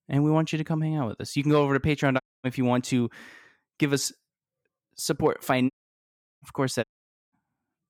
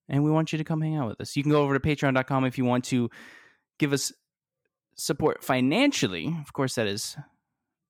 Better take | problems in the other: second | audio cutting out; at 2 s, at 5.5 s for 0.5 s and at 7 s

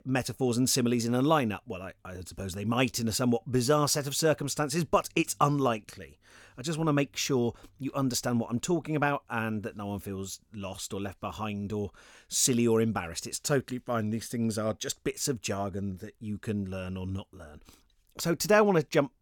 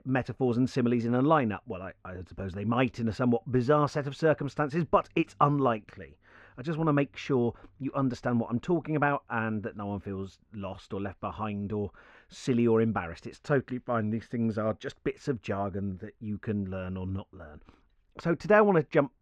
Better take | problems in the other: first | muffled; very; fading above 2 kHz

